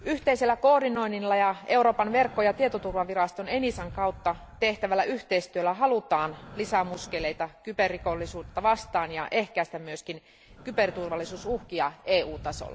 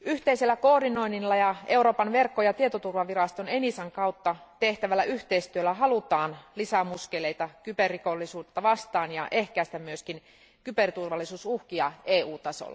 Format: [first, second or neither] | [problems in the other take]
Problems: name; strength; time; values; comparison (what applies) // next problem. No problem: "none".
second | background sound (Breathing); 20 dB below the speech